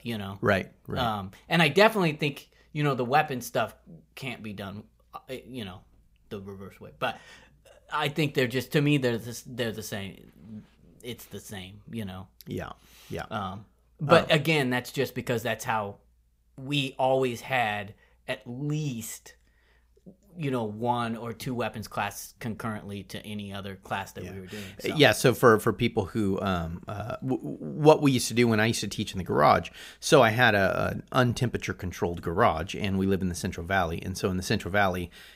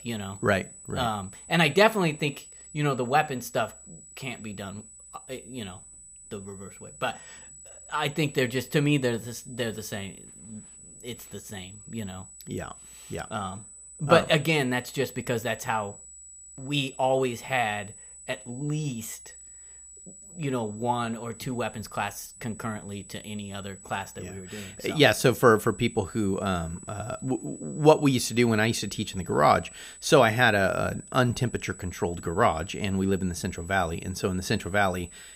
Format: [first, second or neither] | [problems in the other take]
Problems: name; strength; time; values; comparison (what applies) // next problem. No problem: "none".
first | high-pitched whine; noticeable; throughout; 8 kHz, 20 dB below the speech